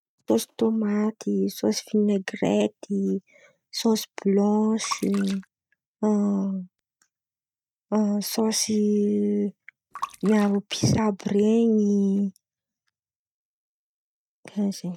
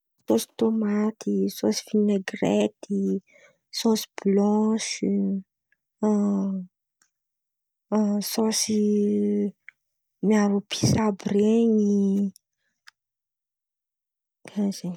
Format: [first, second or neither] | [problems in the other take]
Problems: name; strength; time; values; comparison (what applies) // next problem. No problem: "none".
second | noise reduction (neural mask model RNNoise)